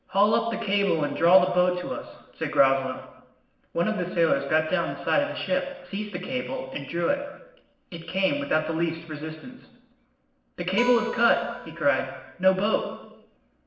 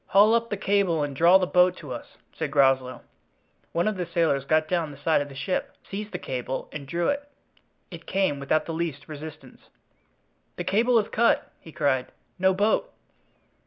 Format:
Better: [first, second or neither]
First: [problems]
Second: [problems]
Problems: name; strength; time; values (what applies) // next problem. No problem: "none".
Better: second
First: noise reduction (neural separator model SepFormer DNS4)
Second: none